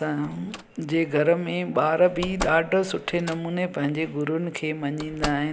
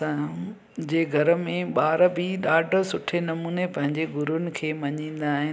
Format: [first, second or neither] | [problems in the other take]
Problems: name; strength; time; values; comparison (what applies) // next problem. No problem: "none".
second | background sound (Slam); 14 dB below the speech